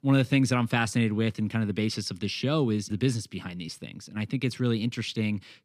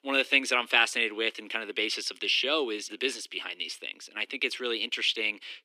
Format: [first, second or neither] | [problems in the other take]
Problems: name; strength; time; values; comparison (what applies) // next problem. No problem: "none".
first | thin; very; fading below 350 Hz